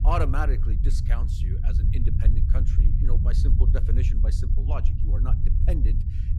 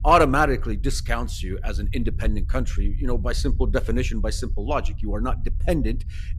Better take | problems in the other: second | low rumble; loud; throughout; 5 dB below the speech; faint in the second

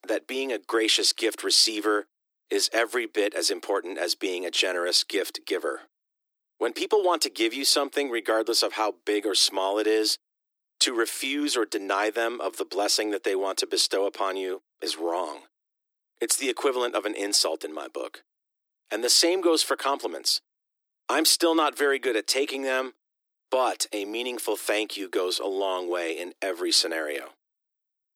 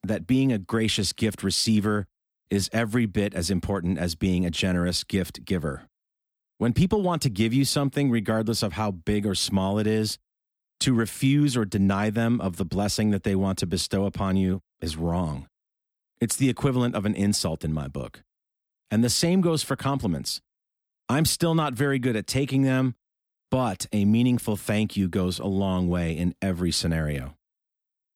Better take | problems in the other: second | thin; very; fading below 300 Hz

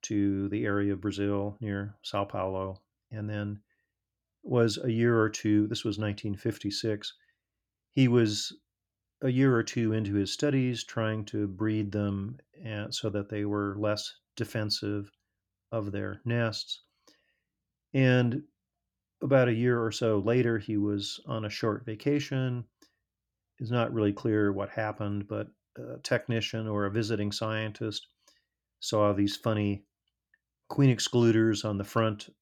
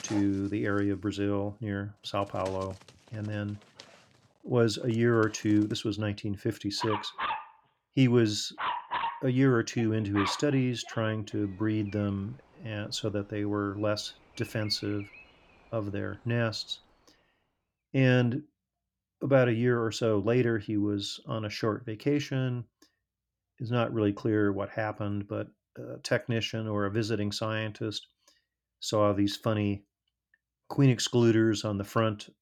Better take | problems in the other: first | animal sounds; loud; until 17 s; 9 dB below the speech

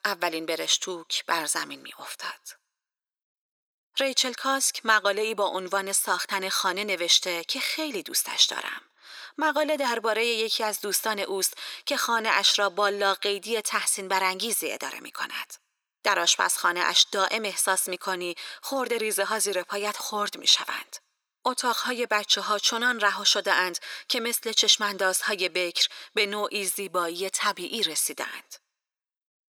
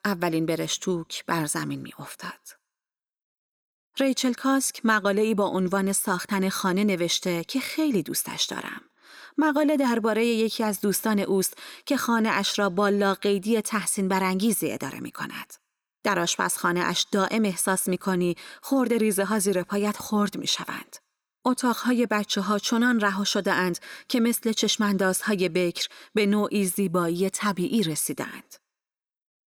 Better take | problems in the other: second | thin; very; fading below 600 Hz

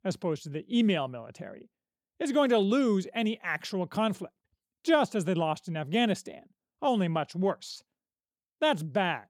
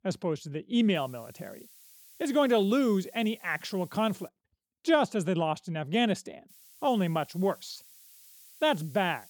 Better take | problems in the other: first | hiss; faint; from 1 to 4.5 s and from 6.5 s on; 25 dB below the speech

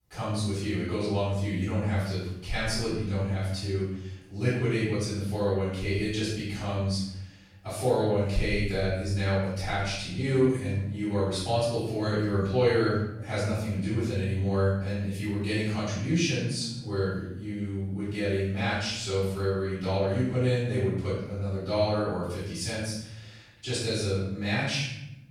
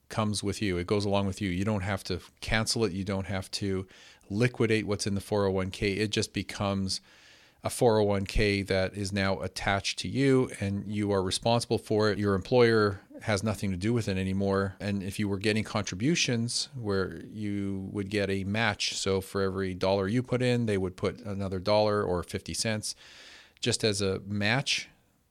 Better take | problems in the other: second | off-mic speech; far // room echo; strong; dies away in 0.9 s

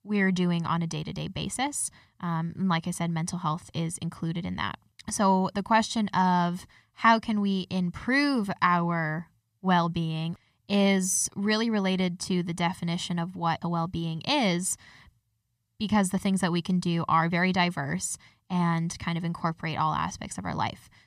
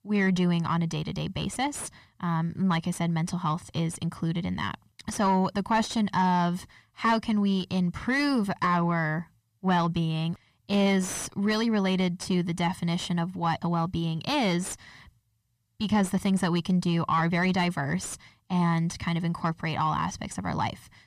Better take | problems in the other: first | distortion; slight; 10 dB below the speech

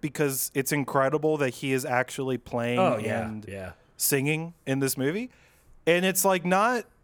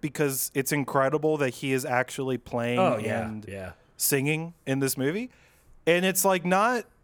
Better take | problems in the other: neither | none

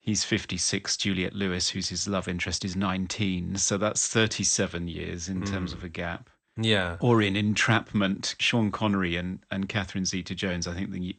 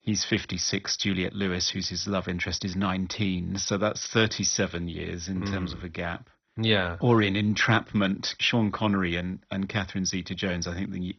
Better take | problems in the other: first | garbled, watery; badly; nothing above 6 kHz; slightly in the first

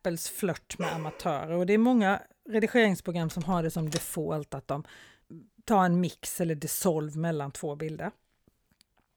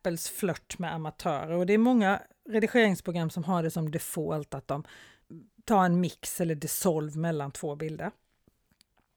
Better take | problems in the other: second | dog barking; noticeable; at 1 s; peak 8 dB below the speech // door banging; noticeable; at 3.5 s; peak 10 dB below the speech

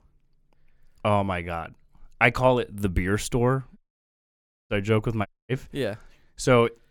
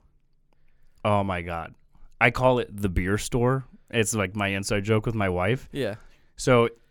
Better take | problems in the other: second | audio cutting out; at 4 s for 1 s and at 5.5 s

